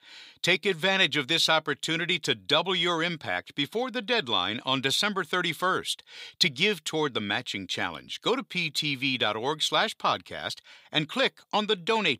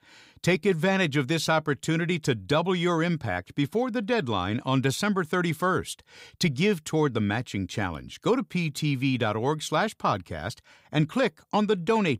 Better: second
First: thin; very slightly; fading below 950 Hz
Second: none

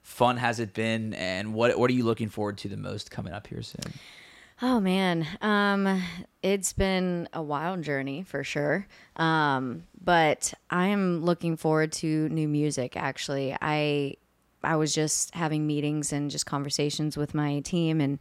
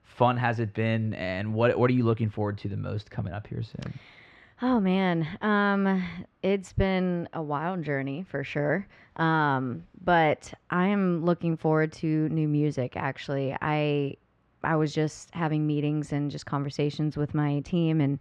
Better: first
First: none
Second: muffled; slightly; fading above 2.5 kHz

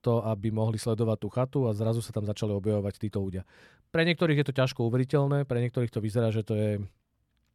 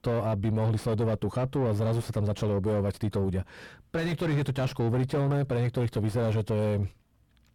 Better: first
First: none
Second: distortion; heavy; 6 dB below the speech

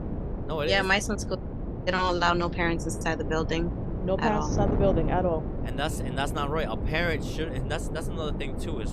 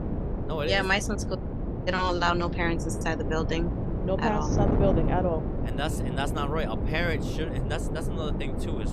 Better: first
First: wind noise on the microphone; occasional gusts; 10 dB below the speech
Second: wind noise on the microphone; heavy; 7 dB below the speech

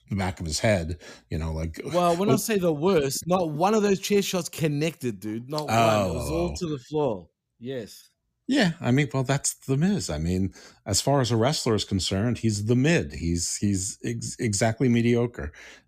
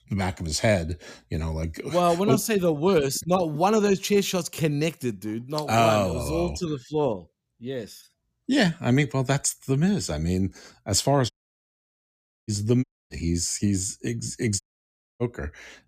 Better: first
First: none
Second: audio cutting out; at 11 s for 1 s, at 13 s and at 15 s for 0.5 s

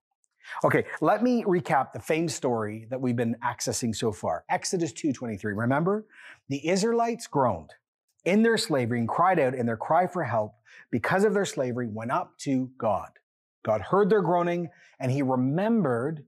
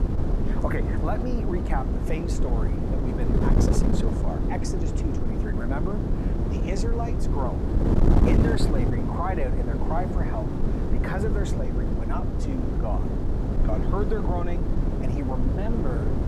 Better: first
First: none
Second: wind noise on the microphone; heavy; as loud as the speech

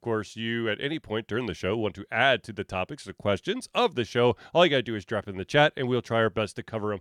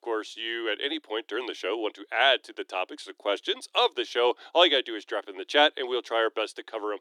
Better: first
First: none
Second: thin; somewhat; fading below 300 Hz

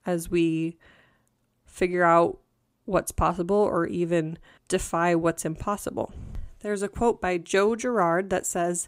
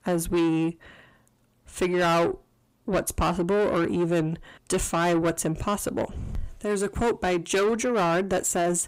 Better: first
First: none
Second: distortion; heavy; 8 dB below the speech

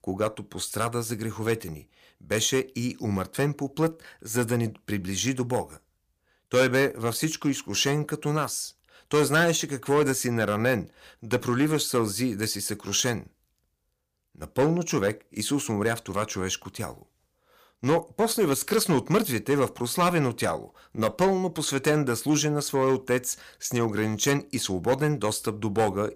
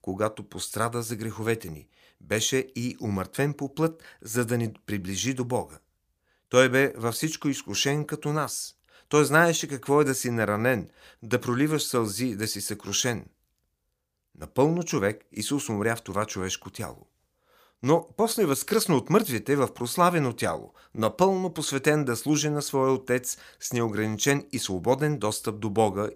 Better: second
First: distortion; slight; 3% of the sound clipped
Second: none

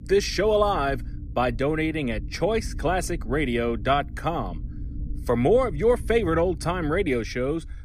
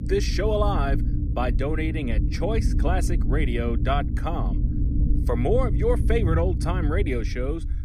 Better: first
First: low rumble; faint; throughout; 25 dB below the speech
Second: low rumble; loud; throughout; 10 dB below the speech

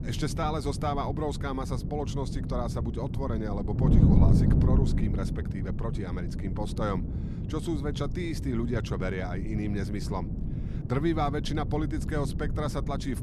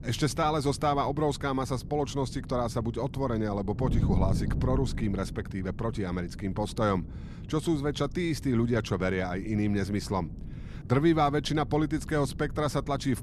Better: second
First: wind noise on the microphone; heavy; 6 dB below the speech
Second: wind noise on the microphone; occasional gusts; 15 dB below the speech

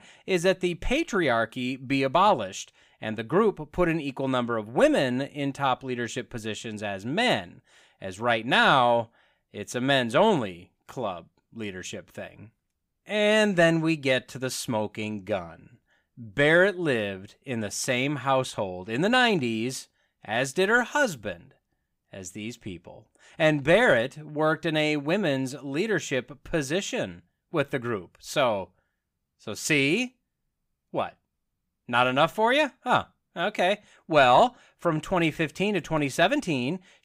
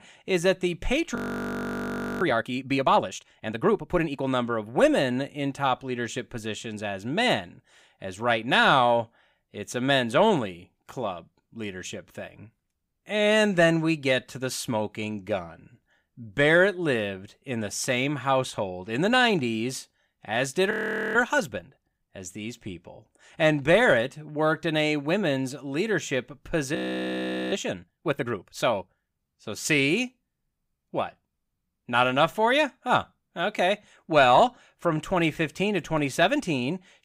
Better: first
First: none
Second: audio freezing; at 1 s for 1 s, at 21 s and at 27 s for 1 s

